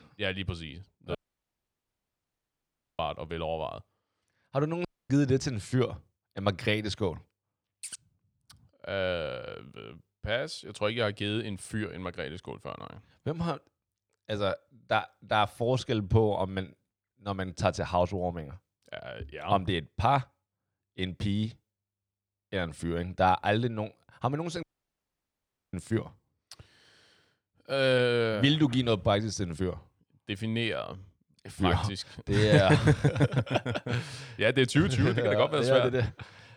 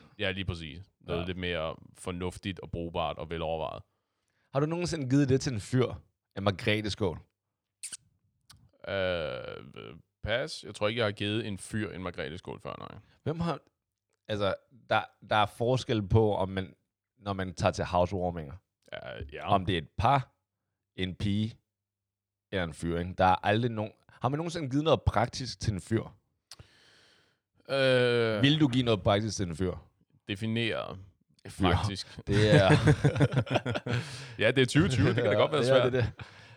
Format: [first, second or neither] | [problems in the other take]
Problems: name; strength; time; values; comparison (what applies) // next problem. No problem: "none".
second | audio cutting out; at 1 s for 2 s, at 5 s and at 25 s for 1 s